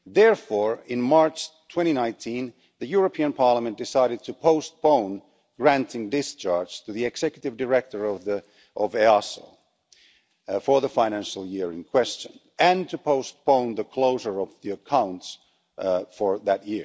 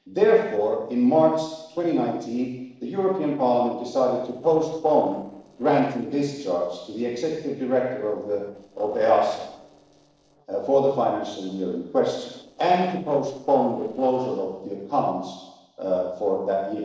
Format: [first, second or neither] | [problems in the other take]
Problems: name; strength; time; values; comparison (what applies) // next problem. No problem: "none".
first | noise reduction (neural separator model SepFormer DNS4)